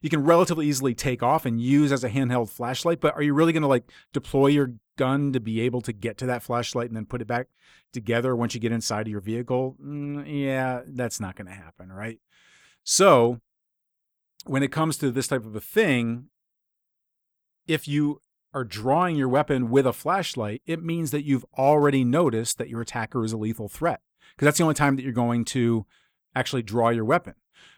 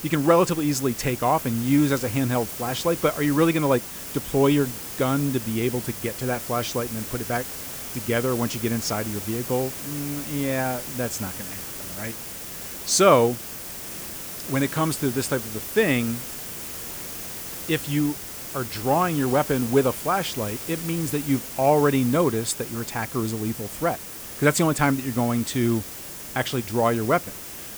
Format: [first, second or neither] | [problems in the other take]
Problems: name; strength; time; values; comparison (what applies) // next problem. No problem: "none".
first | hiss; loud; throughout; 9 dB below the speech